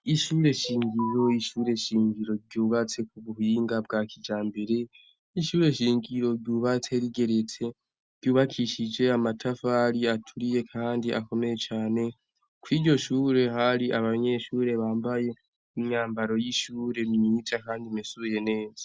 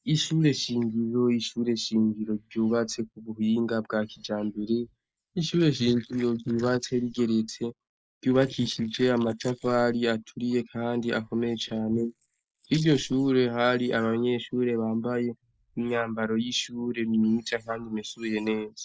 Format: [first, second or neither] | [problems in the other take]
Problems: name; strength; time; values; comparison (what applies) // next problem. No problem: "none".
first | noise reduction (neural mask model Resemble Enhance denoiser)